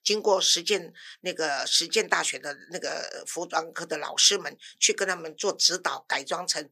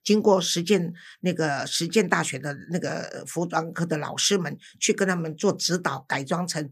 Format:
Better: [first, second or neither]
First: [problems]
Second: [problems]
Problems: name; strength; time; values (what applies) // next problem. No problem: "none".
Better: second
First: thin; very; fading below 500 Hz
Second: none